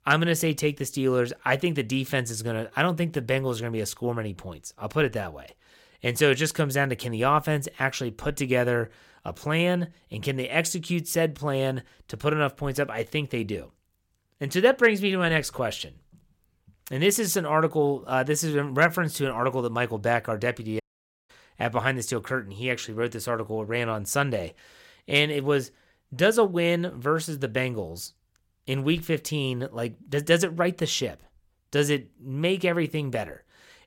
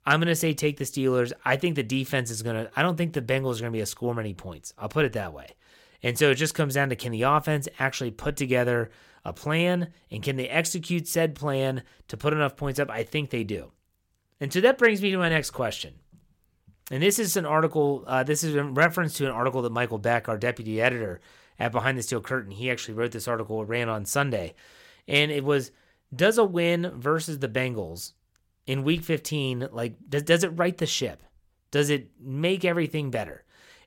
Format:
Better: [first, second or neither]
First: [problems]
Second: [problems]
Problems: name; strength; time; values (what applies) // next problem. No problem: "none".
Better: second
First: audio cutting out; at 21 s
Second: none